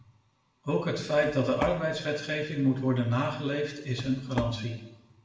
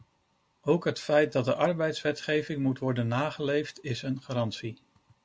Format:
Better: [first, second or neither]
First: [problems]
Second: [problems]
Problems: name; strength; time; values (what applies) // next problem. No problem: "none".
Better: second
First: background sound (Walk, footsteps); 11 dB below the speech // room echo; dies away in 0.8 s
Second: none